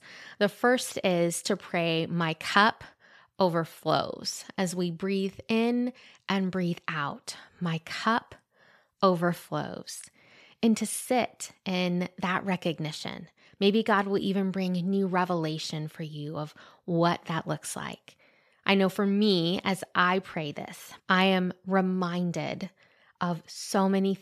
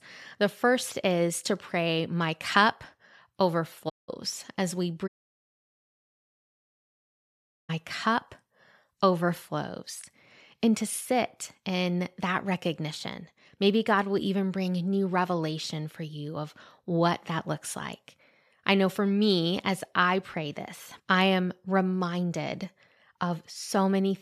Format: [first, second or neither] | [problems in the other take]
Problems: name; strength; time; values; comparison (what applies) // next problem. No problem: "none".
first | audio cutting out; at 4 s and at 5 s for 2.5 s